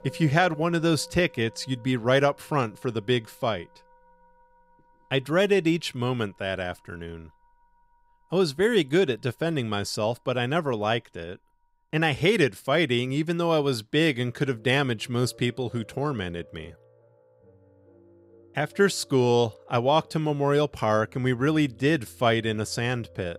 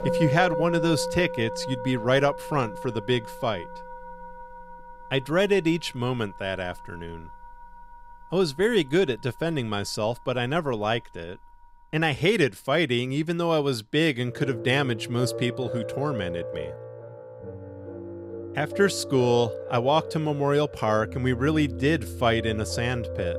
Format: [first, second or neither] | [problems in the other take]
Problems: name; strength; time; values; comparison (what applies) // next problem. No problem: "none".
first | background music; loud; throughout; 10 dB below the speech; faint in the first